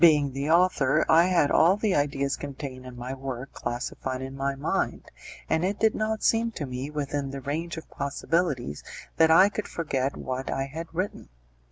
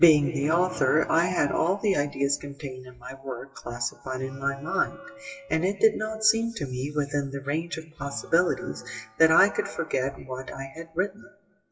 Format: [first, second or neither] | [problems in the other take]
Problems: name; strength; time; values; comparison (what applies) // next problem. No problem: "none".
first | noise reduction (classical method WPE with log-MMSE)